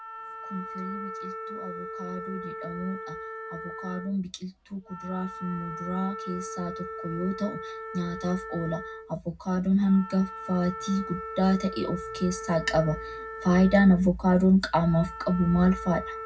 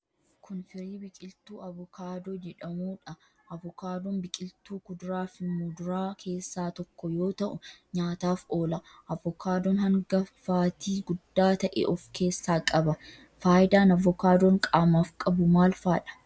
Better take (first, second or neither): second